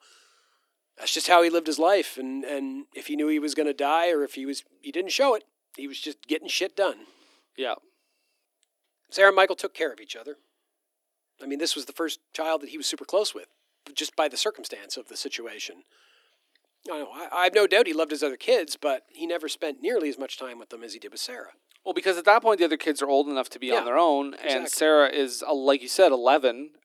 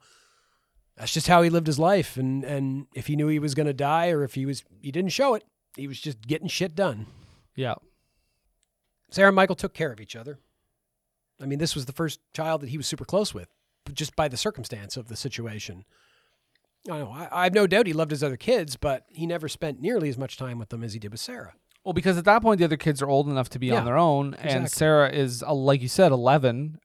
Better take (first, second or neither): second